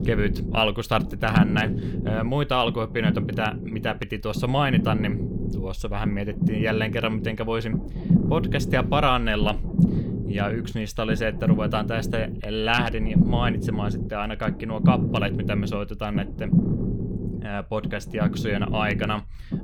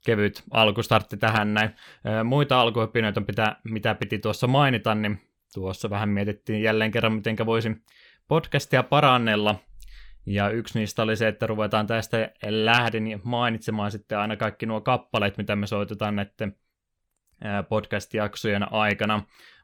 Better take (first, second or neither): second